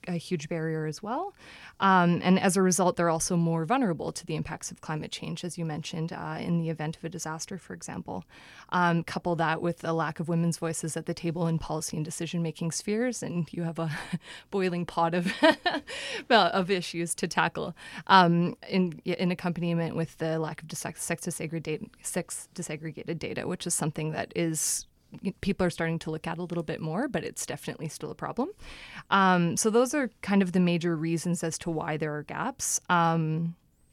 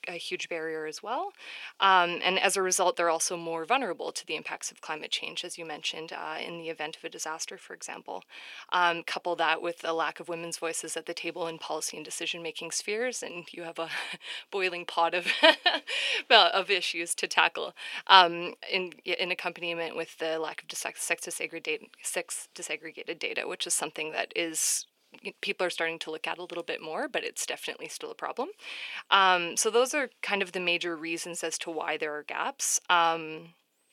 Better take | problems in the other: first | thin; very; fading below 400 Hz

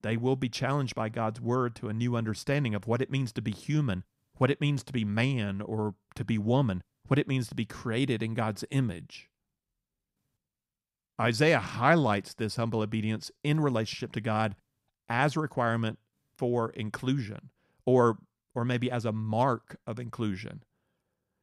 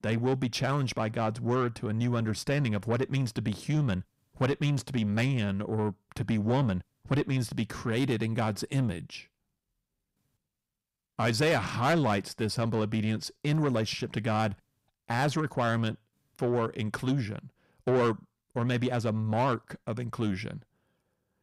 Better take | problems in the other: first | distortion; slight; 10 dB below the speech

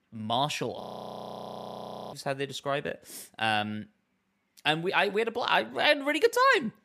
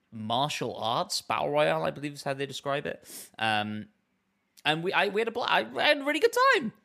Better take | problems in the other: second | audio freezing; at 1 s for 1.5 s

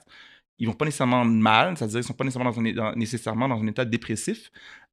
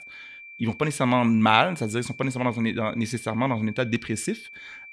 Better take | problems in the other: first | high-pitched whine; noticeable; throughout; 2.5 kHz, 15 dB below the speech

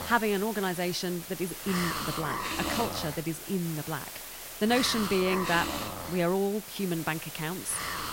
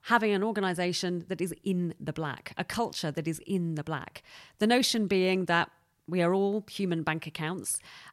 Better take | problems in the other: second | hiss; loud; throughout; 5 dB below the speech

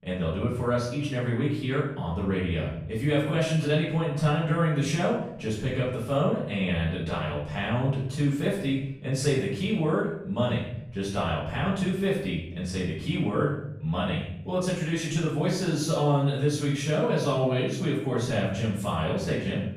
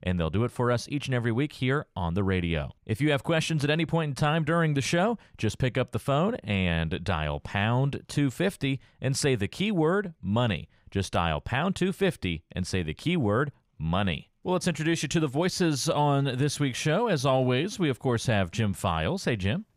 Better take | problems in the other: second | room echo; noticeable; dies away in 0.7 s // off-mic speech; far

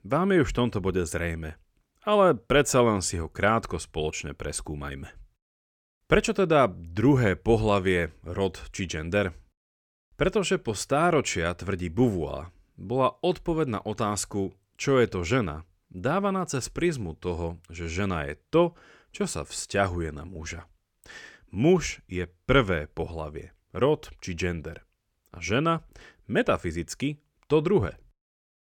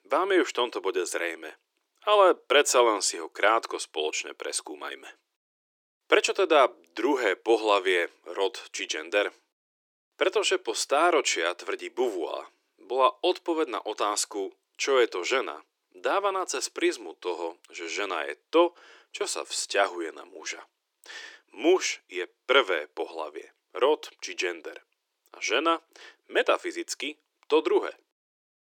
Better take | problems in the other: first | thin; very; fading below 300 Hz

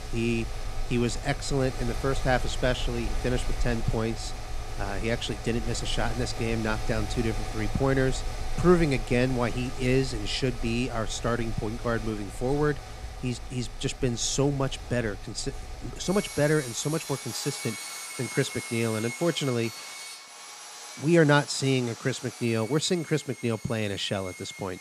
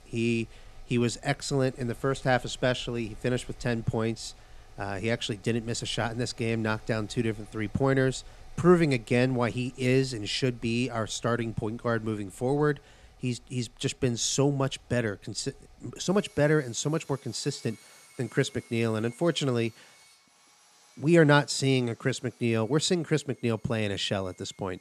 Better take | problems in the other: second | machinery noise; loud; throughout; 9 dB below the speech; faint in the second

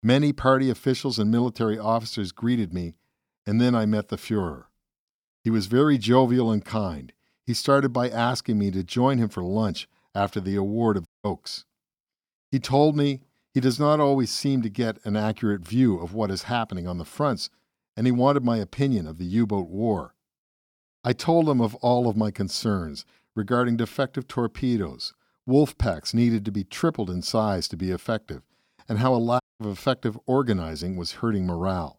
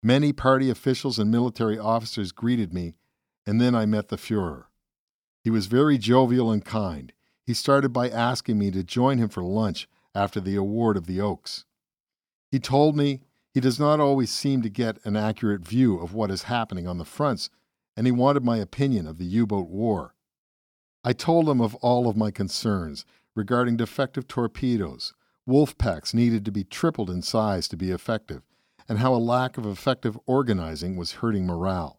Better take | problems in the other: second | audio cutting out; at 11 s and at 29 s

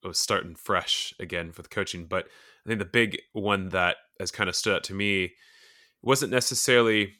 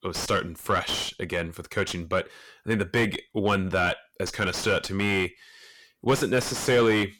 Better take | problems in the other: first | distortion; heavy; 5 dB below the speech

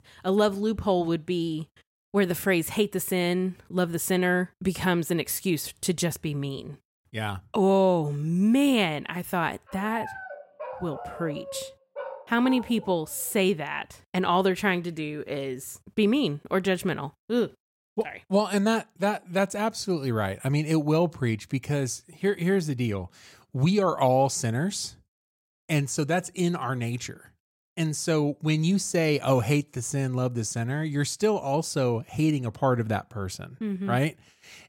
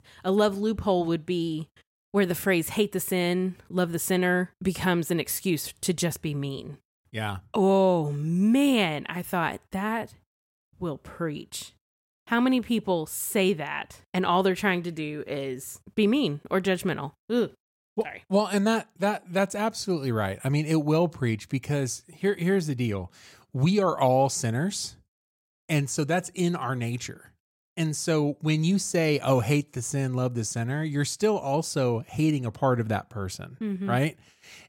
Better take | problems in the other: second | dog barking; noticeable; from 9.5 to 13 s; peak 10 dB below the speech

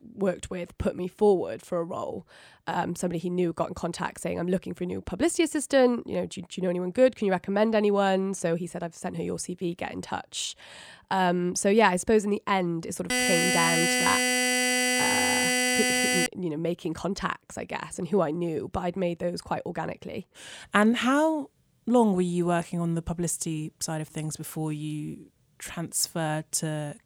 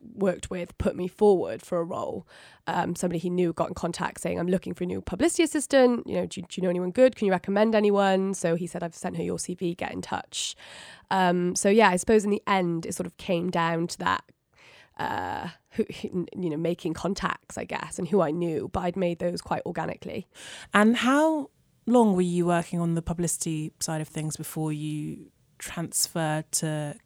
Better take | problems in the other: second | alarm; loud; from 13 to 16 s; peak 5 dB above the speech

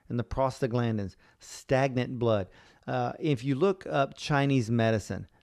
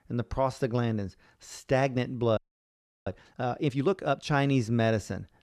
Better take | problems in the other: first | audio freezing; at 2.5 s for 0.5 s

